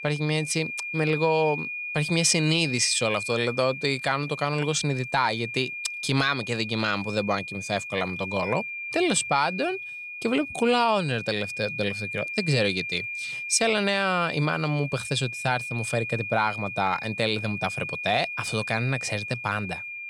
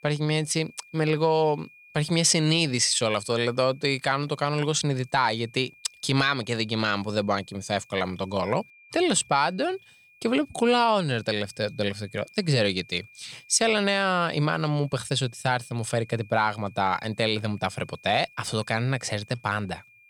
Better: second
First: high-pitched whine; loud; throughout; 2.5 kHz, 6 dB below the speech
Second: high-pitched whine; faint; throughout; 2.5 kHz, 25 dB below the speech

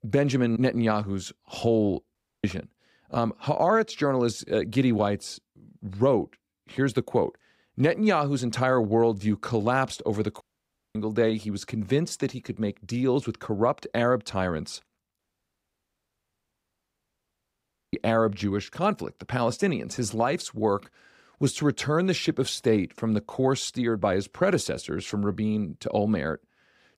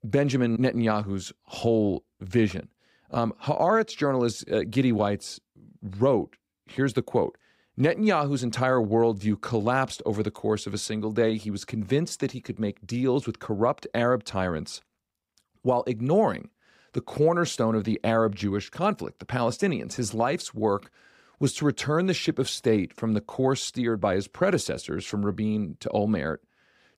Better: second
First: audio cutting out; at 2 s, at 10 s for 0.5 s and at 15 s for 2.5 s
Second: none

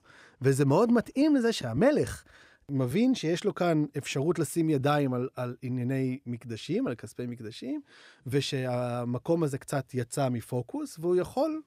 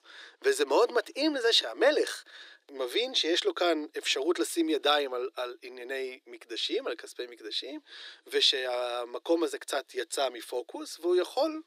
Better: first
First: none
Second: thin; very; fading below 300 Hz

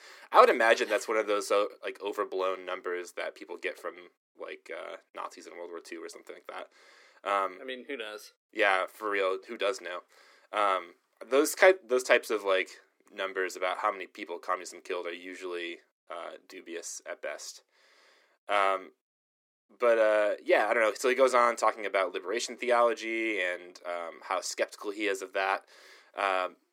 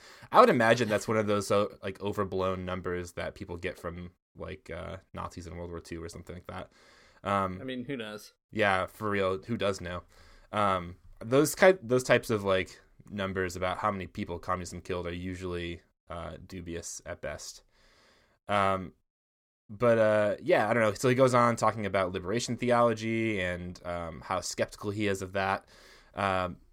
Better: second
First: thin; somewhat; fading below 300 Hz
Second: none

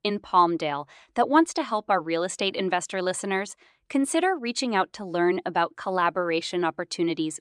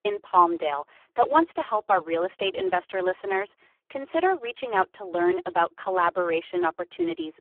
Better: first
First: none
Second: phone-call audio; poor line

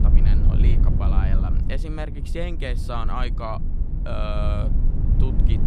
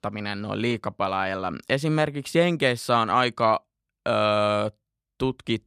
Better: second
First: low rumble; loud; throughout; 5 dB below the speech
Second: none

